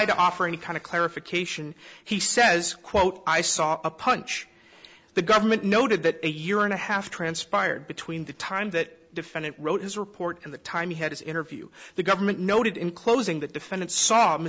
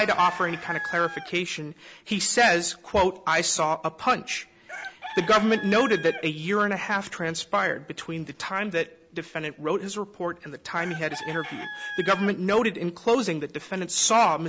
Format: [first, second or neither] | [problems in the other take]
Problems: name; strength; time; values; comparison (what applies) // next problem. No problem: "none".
first | background sound (Chicken, rooster); 16 dB below the speech